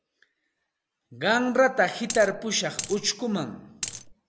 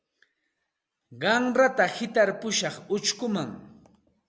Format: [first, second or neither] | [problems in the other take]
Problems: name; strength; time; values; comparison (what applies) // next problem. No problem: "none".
second | background sound (Coin (dropping)); 8 dB below the speech